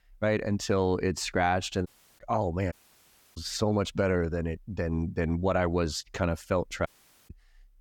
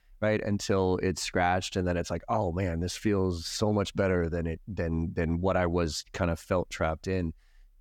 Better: second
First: audio cutting out; at 2 s, at 2.5 s for 0.5 s and at 7 s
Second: none

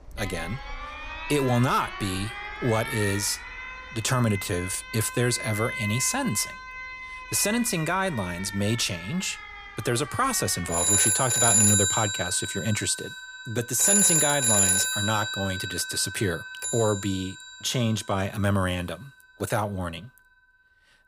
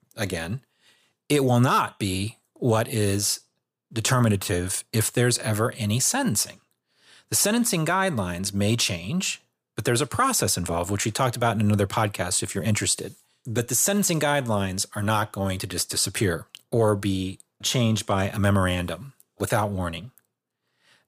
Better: second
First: alarms or sirens; very loud; throughout; 1 dB above the speech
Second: none

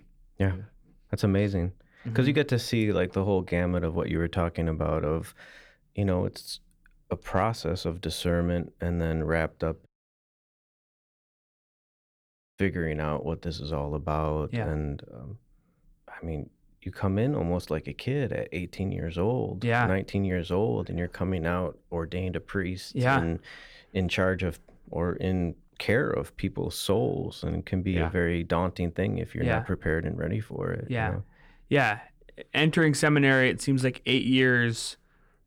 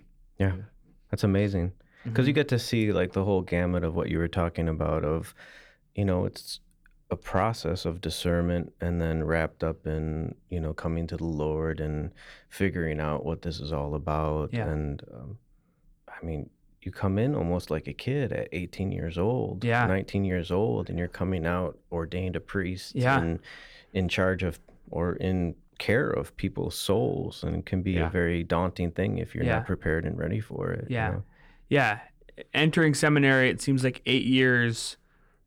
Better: second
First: audio cutting out; at 10 s for 2.5 s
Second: none

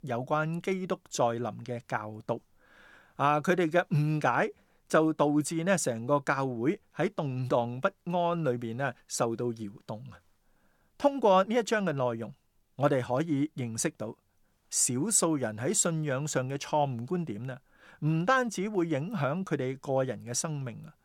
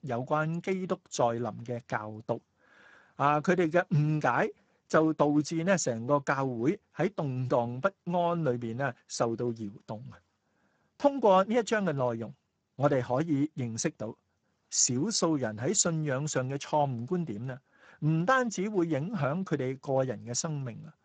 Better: first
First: none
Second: garbled, watery; badly; nothing above 7.5 kHz

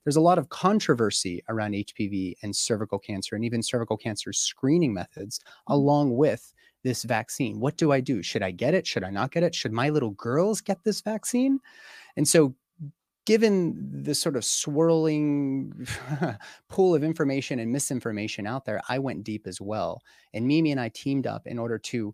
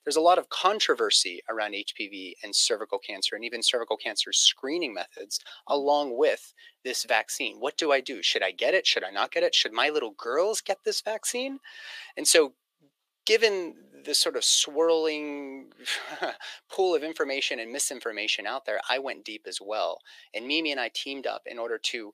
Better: first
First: none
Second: thin; very; fading below 400 Hz

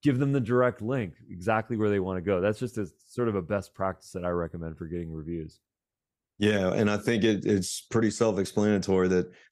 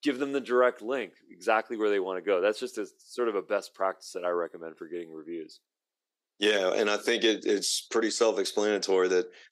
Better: first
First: none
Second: thin; somewhat; fading below 300 Hz

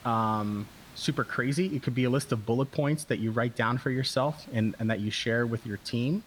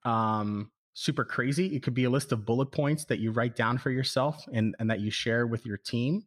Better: second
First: hiss; faint; throughout; 25 dB below the speech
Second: none

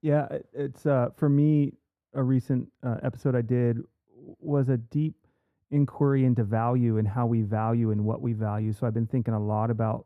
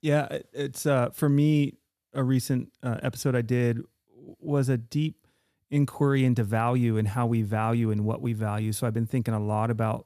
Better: second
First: muffled; very; fading above 2 kHz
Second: none

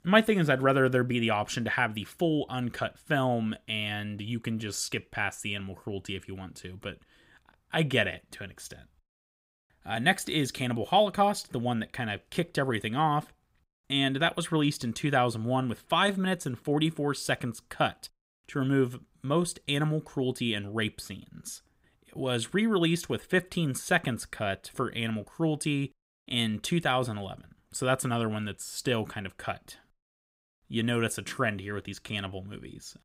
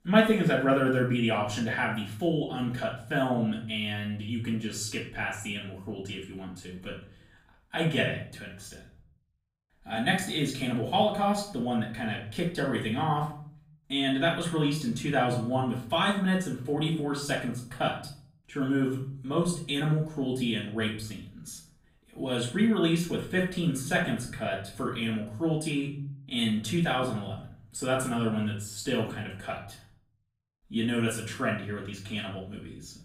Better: first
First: none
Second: room echo; slight; dies away in 0.5 s // off-mic speech; far

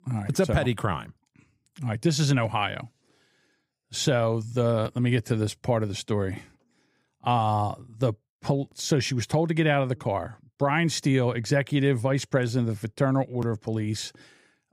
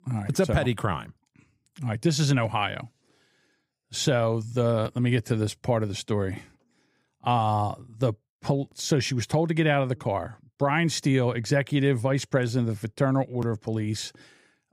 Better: neither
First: none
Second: none

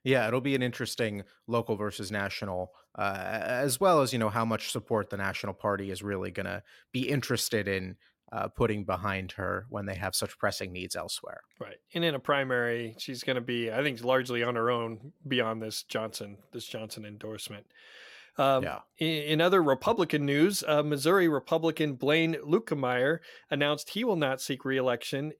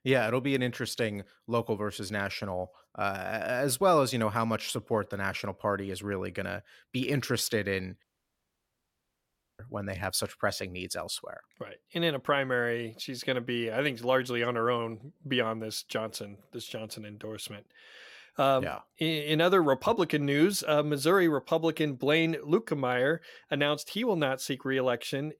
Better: first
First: none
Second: audio cutting out; at 8 s for 1.5 s

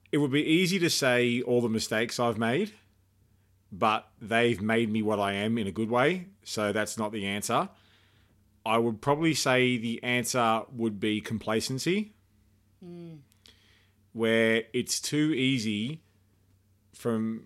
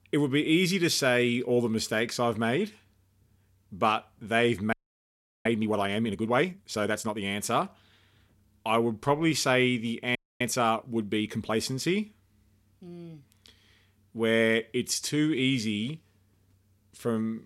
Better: first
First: none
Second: audio freezing; at 4.5 s for 0.5 s and at 10 s

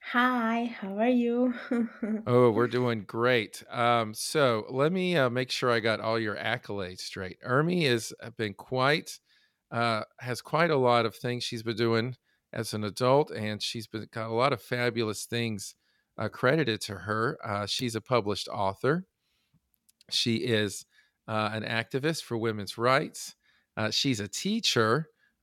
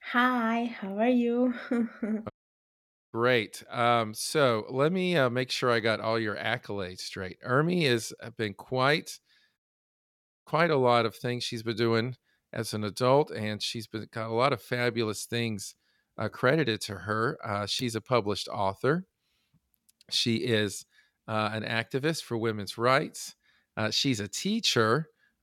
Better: first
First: none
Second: audio cutting out; at 2.5 s for 1 s and at 9.5 s for 1 s

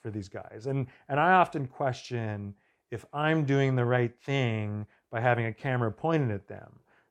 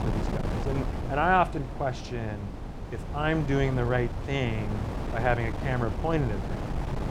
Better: first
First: none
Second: wind noise on the microphone; occasional gusts; 10 dB below the speech

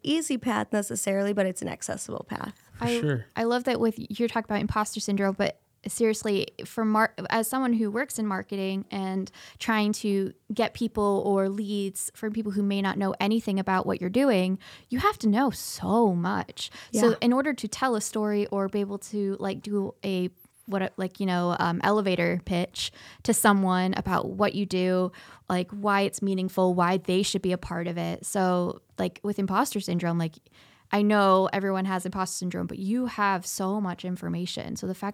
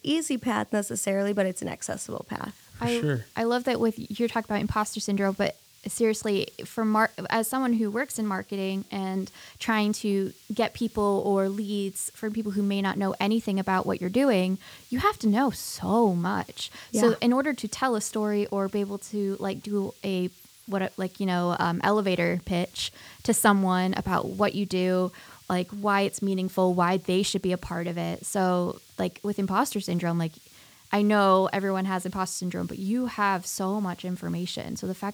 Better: first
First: none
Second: hiss; faint; throughout; 25 dB below the speech

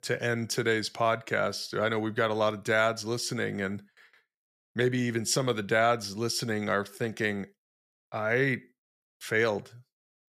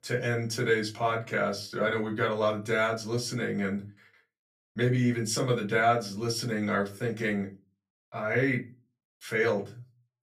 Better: first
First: none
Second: off-mic speech; far // room echo; very slight; dies away in 0.2 s

